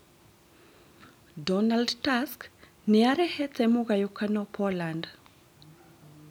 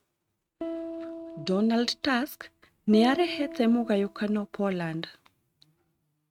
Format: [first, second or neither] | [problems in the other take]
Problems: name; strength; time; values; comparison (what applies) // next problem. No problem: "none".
first | noise reduction (neural mask model RNNoise)